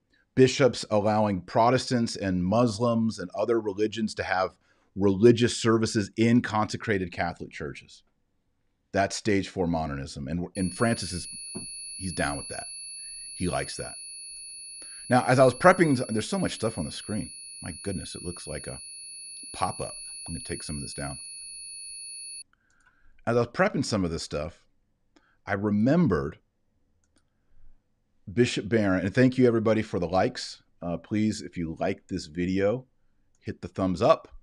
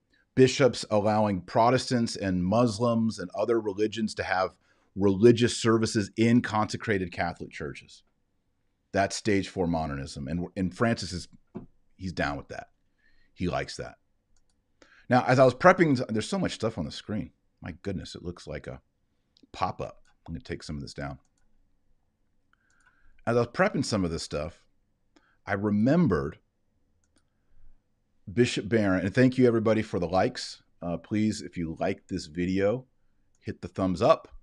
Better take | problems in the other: second | high-pitched whine; noticeable; from 11 to 22 s; 10.5 kHz, 10 dB below the speech

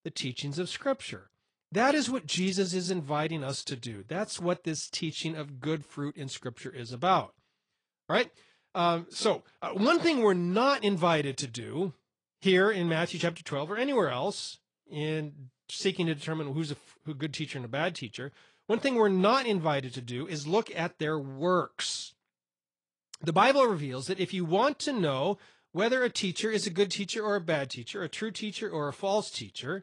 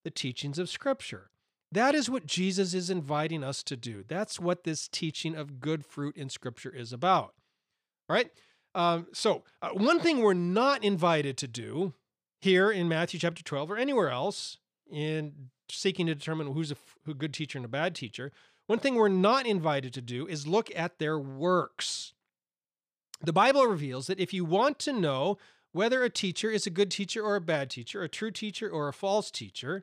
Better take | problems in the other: second | garbled, watery; slightly

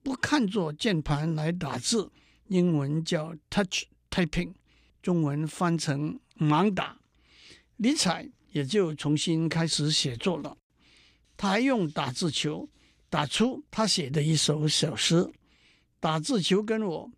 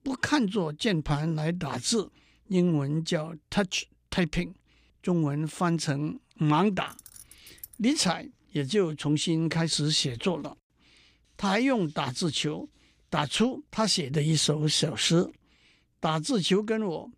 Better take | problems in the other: first | jangling keys; faint; at 7 s; peak 20 dB below the speech

